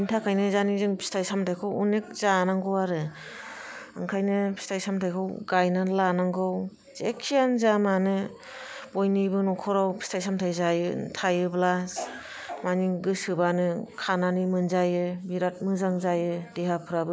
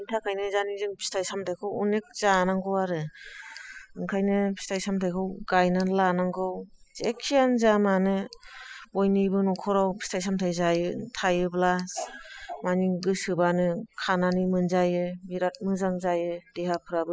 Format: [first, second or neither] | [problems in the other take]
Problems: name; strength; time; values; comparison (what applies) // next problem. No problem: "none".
first | noise reduction (classical method spectral subtraction)